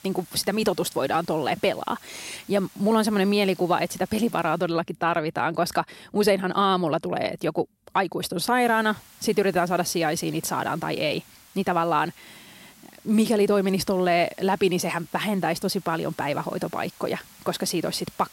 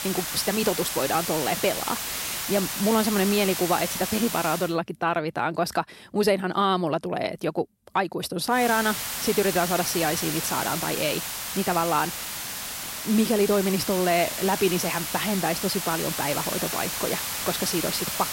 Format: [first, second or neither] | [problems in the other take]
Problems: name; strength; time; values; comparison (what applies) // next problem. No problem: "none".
first | hiss; loud; until 4.5 s and from 8.5 s on; 3 dB below the speech; faint in the first